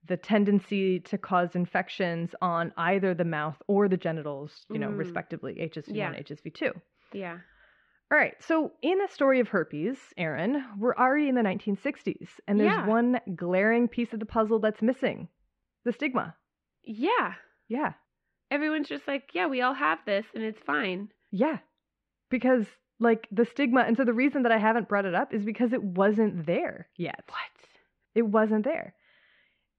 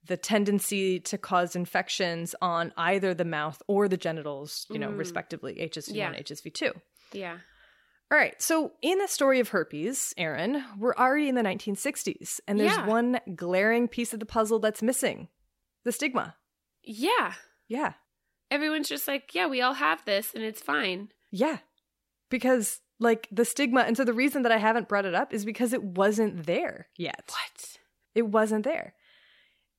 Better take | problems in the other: second | muffled; very; fading above 2.5 kHz

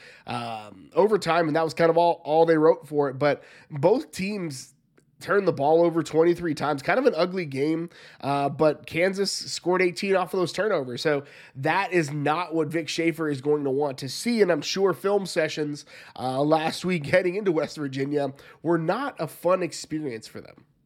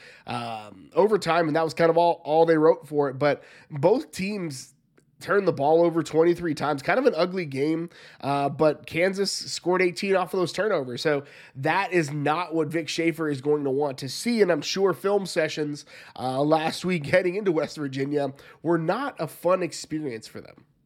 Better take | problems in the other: neither | none

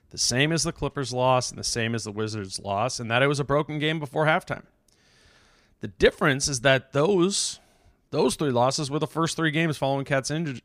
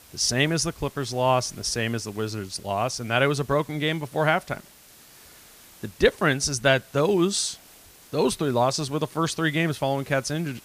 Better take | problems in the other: first | hiss; faint; throughout; 25 dB below the speech

